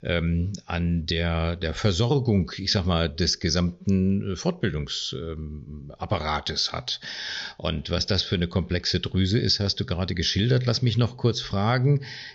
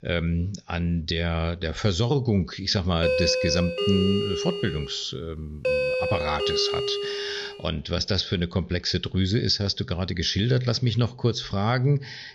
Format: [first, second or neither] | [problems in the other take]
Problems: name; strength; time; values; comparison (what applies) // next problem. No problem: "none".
first | doorbell; loud; from 3 to 7.5 s; peak 2 dB above the speech